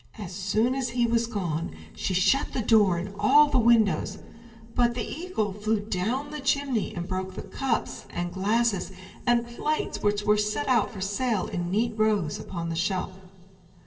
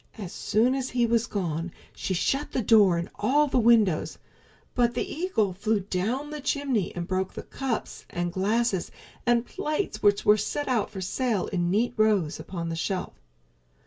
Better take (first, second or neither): second